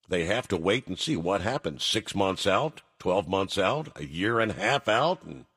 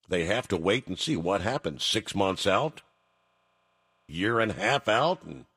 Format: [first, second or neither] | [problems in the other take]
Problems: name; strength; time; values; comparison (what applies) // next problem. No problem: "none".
first | audio freezing; at 3 s for 1 s